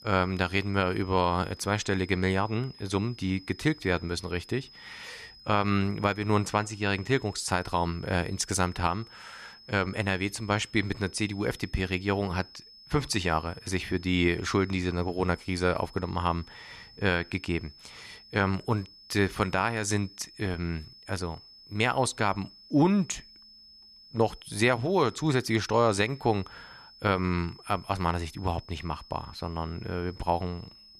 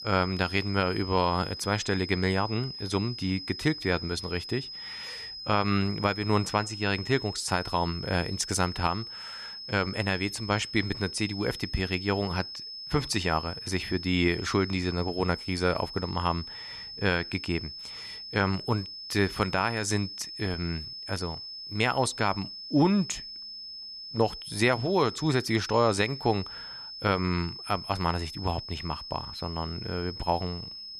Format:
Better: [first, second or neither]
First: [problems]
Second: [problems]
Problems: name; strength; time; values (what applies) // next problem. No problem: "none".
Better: first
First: high-pitched whine; faint; throughout; 5 kHz, 20 dB below the speech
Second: high-pitched whine; loud; throughout; 5 kHz, 9 dB below the speech